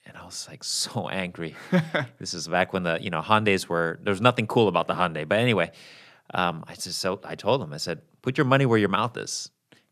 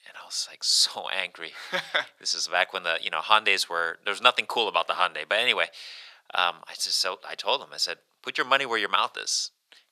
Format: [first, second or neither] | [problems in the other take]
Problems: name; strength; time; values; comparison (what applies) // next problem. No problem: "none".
first | thin; very; fading below 800 Hz